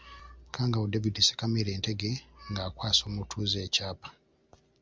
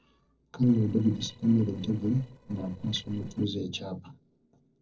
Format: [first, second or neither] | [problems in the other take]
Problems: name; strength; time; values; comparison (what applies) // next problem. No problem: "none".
first | noise reduction (neural separator model SepFormer DNS4)